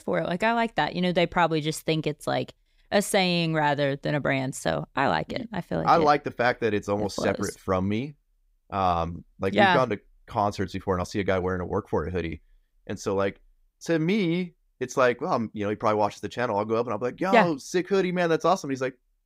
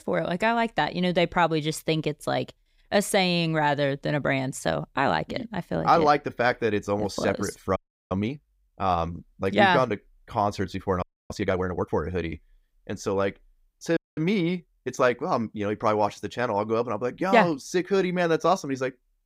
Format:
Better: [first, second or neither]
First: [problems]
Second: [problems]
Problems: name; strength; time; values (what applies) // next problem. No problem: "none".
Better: first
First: none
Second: audio freezing; at 8 s, at 11 s and at 14 s